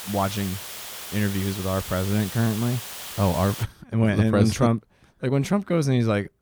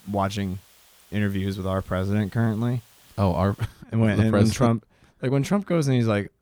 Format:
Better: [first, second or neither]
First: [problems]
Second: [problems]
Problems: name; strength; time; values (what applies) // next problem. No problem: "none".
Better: second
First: hiss; loud; until 3.5 s; 9 dB below the speech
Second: hiss; faint; until 3.5 s; 25 dB below the speech